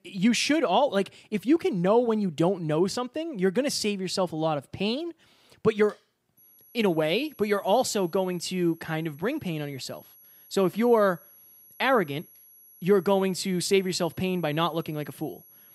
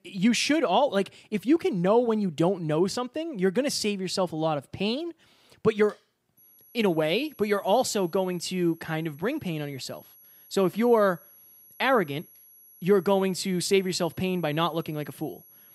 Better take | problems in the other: neither | high-pitched whine; faint; from 6.5 s on; 11.5 kHz, 25 dB below the speech; the same in both

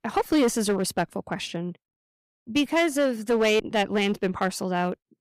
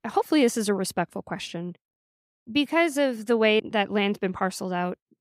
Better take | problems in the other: second | distortion; slight; 6% of the sound clipped

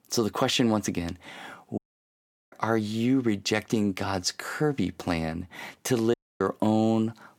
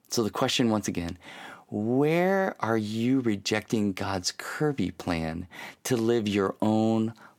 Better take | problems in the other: second | audio cutting out; at 2 s for 0.5 s and at 6 s

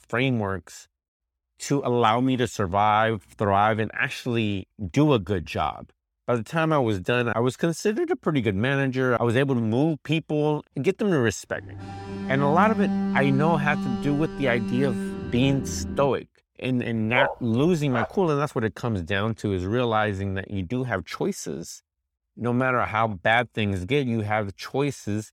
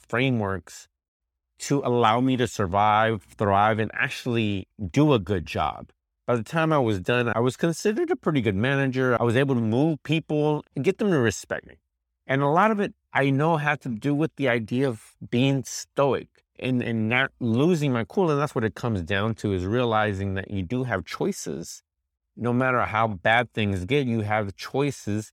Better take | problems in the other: second | alarm; noticeable; from 12 to 16 s; peak 1 dB below the speech // dog barking; noticeable; at 17 s; peak 2 dB below the speech

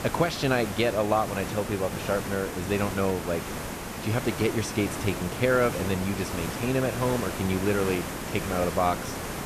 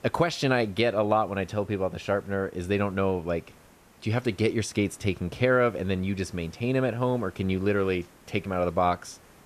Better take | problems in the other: second | hiss; loud; throughout; 6 dB below the speech; faint in the second

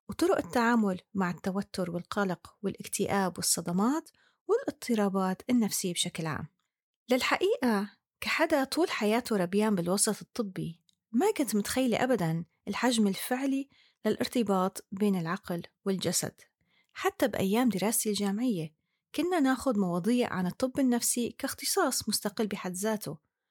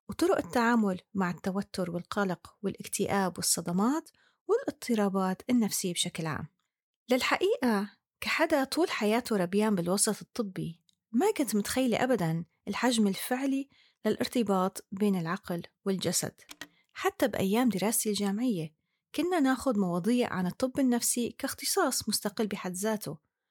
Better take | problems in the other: first | phone ringing; faint; at 16 s; peak 15 dB below the speech

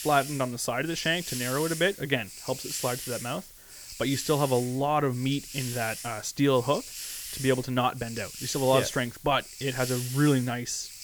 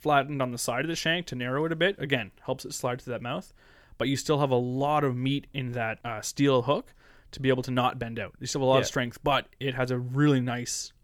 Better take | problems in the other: second | hiss; loud; throughout; 9 dB below the speech

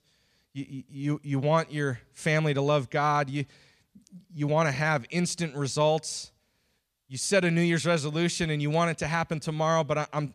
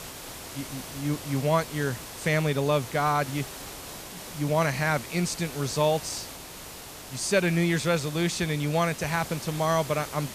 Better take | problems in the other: first | hiss; noticeable; throughout; 10 dB below the speech

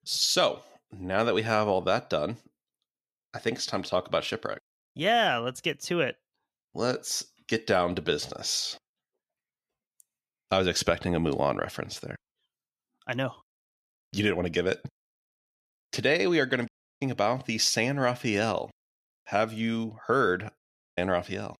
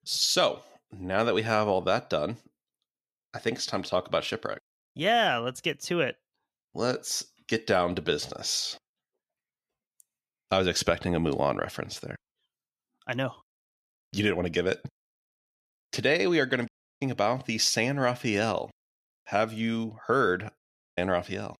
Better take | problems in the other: neither | audio cutting out; at 17 s and at 21 s; the same in both

